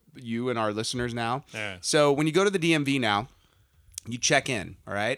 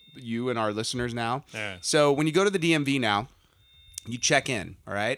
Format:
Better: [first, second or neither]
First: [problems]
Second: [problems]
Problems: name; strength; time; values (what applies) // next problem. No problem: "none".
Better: first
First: none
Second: high-pitched whine; faint; at the start, from 1.5 to 3 s and at 3.5 s; 3.5 kHz, 30 dB below the speech